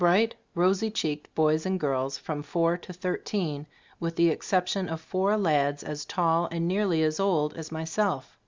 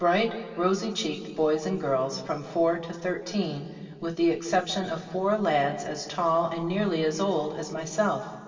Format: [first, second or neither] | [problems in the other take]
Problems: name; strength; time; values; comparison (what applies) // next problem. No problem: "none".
first | room echo; dies away in 2.3 s